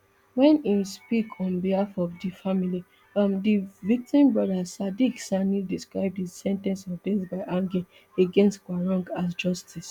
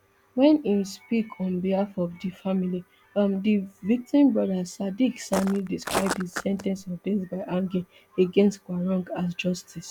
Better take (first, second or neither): first